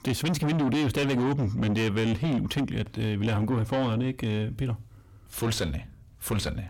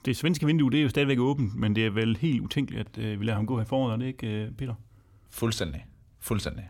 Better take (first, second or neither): second